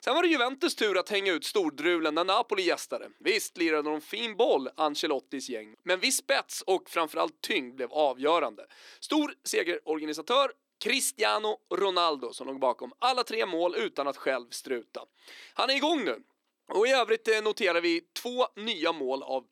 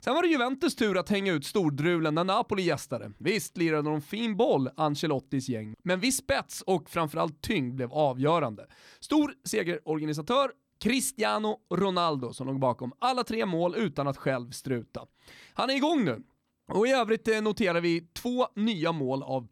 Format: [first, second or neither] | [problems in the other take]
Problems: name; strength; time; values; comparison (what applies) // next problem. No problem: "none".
second | thin; somewhat; fading below 350 Hz